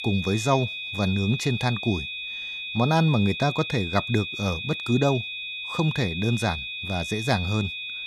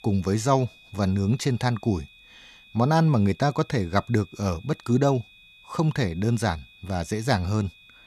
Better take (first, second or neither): second